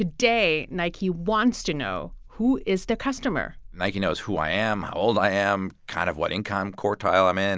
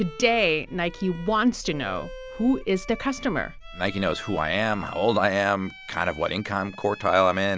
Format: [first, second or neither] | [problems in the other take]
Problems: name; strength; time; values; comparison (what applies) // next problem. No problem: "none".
first | background sound (Bowed string instrument); 19 dB below the speech